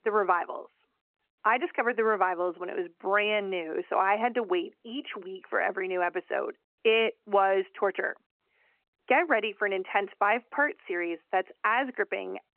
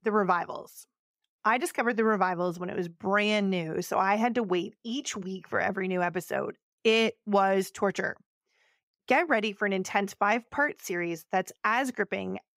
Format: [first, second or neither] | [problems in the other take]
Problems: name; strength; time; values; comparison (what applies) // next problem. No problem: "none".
second | phone-call audio; nothing above 3 kHz